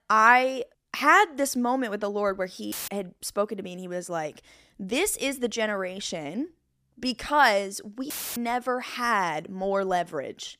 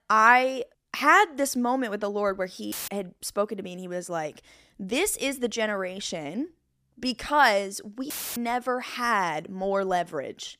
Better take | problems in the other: neither | audio cutting out; filled with static; at 2.5 s and at 8 s; the same in both

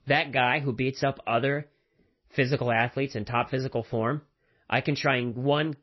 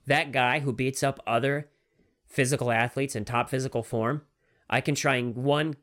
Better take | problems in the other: second | garbled, watery; slightly; nothing above 5.5 kHz

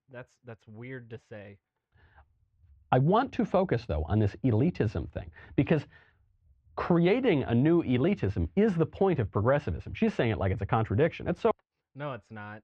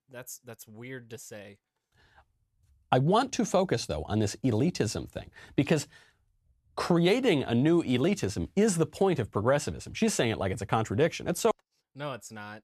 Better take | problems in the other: second | muffled; very; fading above 2.5 kHz

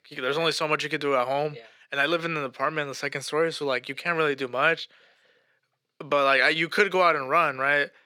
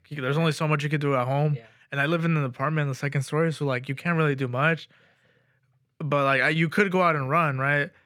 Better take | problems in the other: second | thin; somewhat; fading below 400 Hz

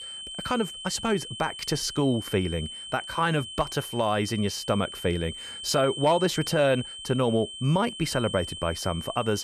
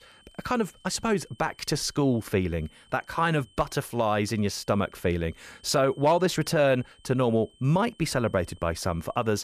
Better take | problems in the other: second | high-pitched whine; loud; throughout; 3 kHz, 9 dB below the speech; faint in the second

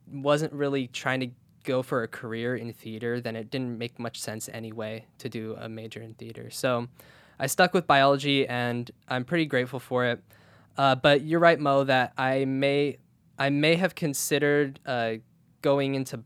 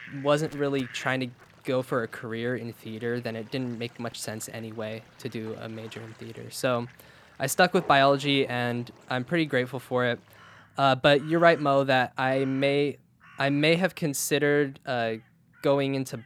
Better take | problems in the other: first | animal sounds; faint; throughout; 25 dB below the speech

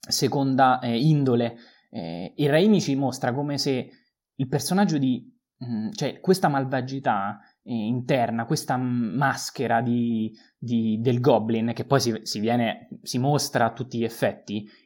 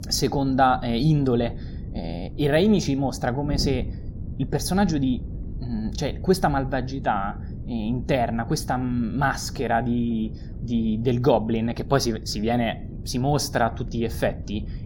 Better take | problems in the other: first | wind noise on the microphone; occasional gusts; 20 dB below the speech

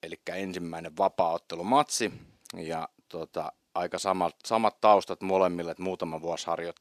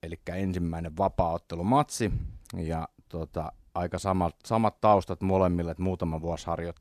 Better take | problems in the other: second | thin; somewhat; fading below 300 Hz

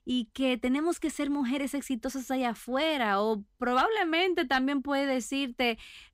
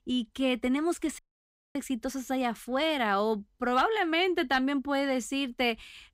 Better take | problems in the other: first | audio cutting out; at 1 s for 0.5 s

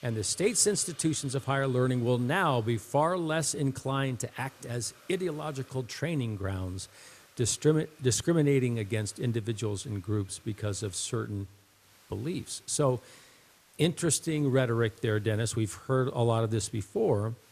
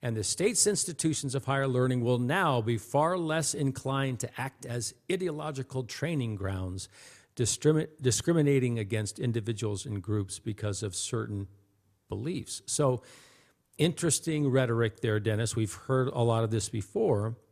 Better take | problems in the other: second | hiss; faint; throughout; 25 dB below the speech

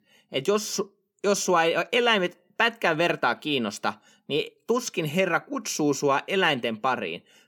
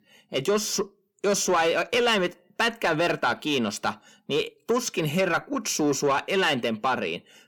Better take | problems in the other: first | distortion; slight; 10 dB below the speech

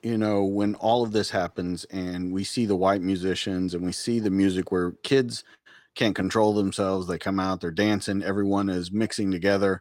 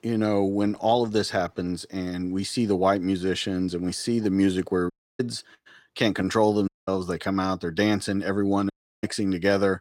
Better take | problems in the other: first | audio cutting out; at 5 s, at 6.5 s and at 8.5 s

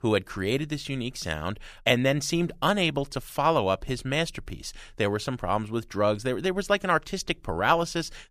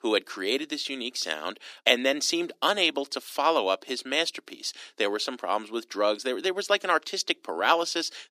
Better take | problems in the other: first | thin; somewhat; fading below 250 Hz

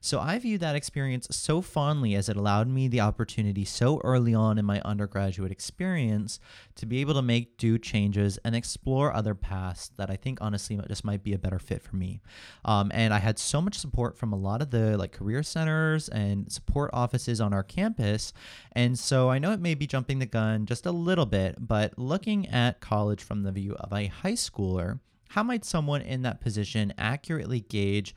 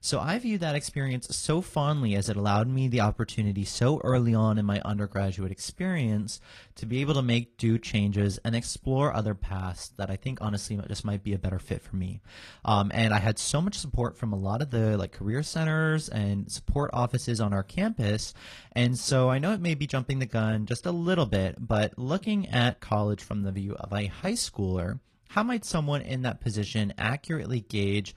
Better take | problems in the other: first | garbled, watery; slightly

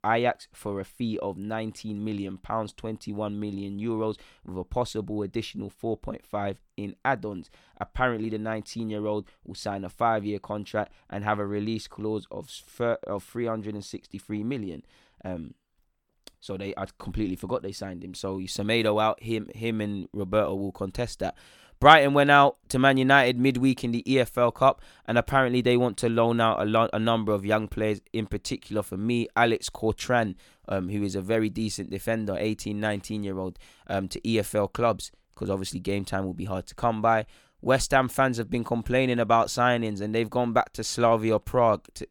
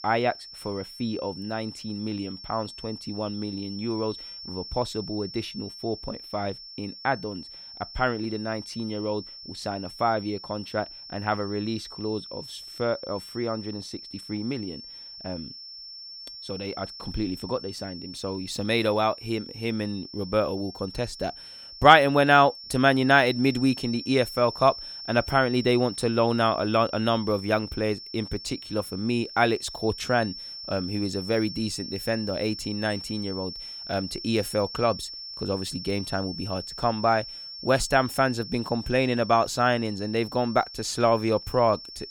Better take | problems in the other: first | high-pitched whine; noticeable; throughout; 5.5 kHz, 10 dB below the speech

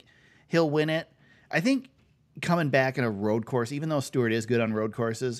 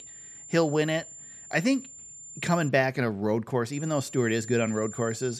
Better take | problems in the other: first | high-pitched whine; noticeable; until 2.5 s and from 3.5 s on; 7 kHz, 15 dB below the speech

